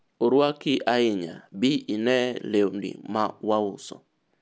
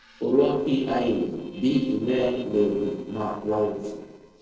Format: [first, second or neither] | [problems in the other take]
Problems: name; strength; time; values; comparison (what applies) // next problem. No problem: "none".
first | noise reduction (neural separator model SepFormer DNS4)